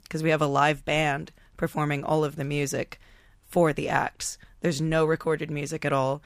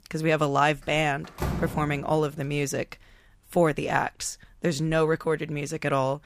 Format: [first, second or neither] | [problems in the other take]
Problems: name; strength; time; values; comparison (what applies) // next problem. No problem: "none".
first | door banging; noticeable; at 1.5 s; peak 5 dB below the speech